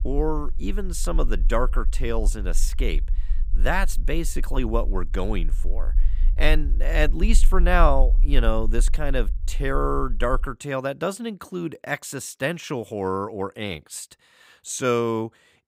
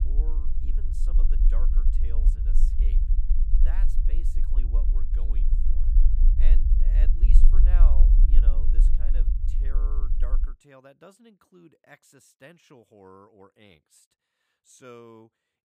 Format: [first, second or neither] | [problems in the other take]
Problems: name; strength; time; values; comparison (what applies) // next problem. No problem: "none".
first | low rumble; loud; until 10 s; as loud as the speech; faint in the first